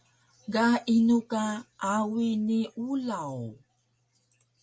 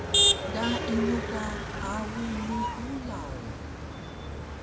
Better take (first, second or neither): first